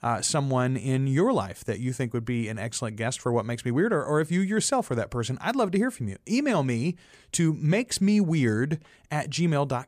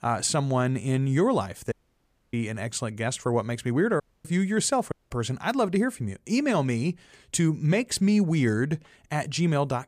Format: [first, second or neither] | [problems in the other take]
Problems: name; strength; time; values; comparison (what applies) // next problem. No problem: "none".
first | audio cutting out; at 1.5 s for 0.5 s, at 4 s and at 5 s